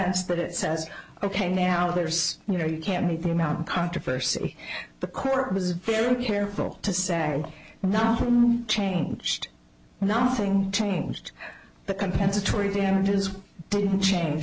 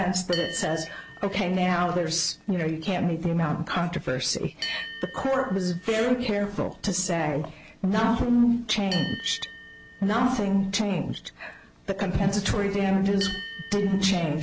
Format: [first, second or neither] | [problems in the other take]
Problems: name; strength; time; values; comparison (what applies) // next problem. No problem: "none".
first | background sound (Bell); 16 dB below the speech